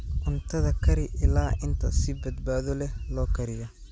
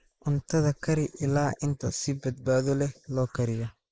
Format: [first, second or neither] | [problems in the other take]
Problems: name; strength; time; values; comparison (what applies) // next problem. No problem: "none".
first | noise reduction (neural mask model Resemble Enhance denoiser)